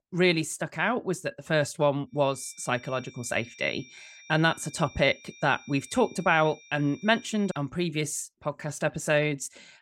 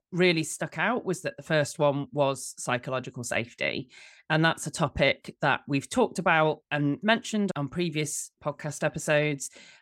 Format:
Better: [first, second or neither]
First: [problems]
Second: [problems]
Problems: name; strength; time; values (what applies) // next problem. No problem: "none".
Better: second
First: high-pitched whine; faint; from 2.5 to 7.5 s; 2.5 kHz, 20 dB below the speech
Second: none